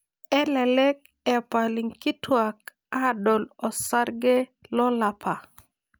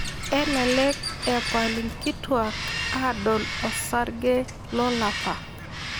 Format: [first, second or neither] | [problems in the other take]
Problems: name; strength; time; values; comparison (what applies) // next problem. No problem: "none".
first | background sound (Bird vocalization, bird call, bird song); 5 dB below the speech